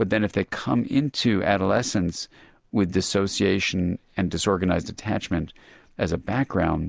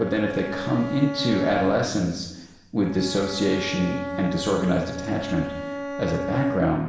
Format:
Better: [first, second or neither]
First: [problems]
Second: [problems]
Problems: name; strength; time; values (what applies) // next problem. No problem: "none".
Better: first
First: none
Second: background sound (Bowed string instrument); 8 dB below the speech // room echo; dies away in 1.1 s